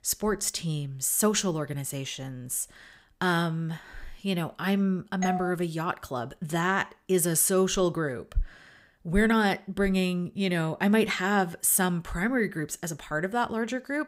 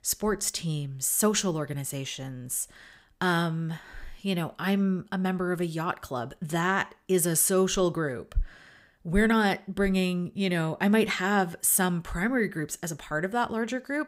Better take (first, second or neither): second